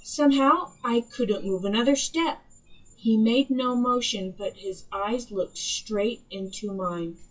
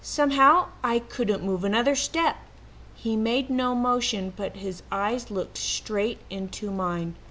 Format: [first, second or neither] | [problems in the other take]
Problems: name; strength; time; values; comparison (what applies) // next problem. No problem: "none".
second | noise reduction (classical method WPE with log-MMSE)